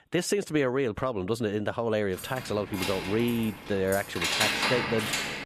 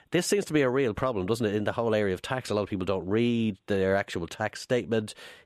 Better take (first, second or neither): second